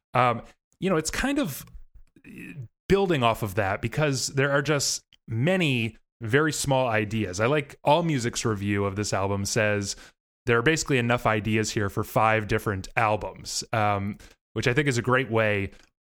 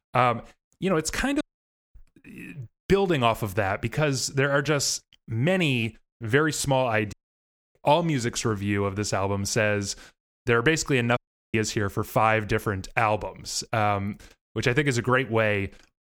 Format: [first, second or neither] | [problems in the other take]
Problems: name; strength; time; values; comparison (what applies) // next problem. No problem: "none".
first | audio cutting out; at 1.5 s for 0.5 s, at 7 s for 0.5 s and at 11 s